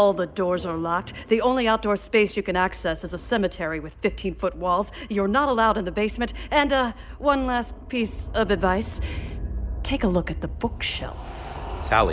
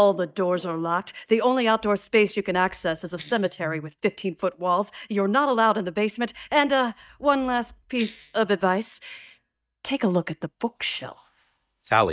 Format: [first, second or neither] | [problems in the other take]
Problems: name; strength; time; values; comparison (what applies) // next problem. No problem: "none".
first | noise reduction (neural mask model DeepFilterNet 3)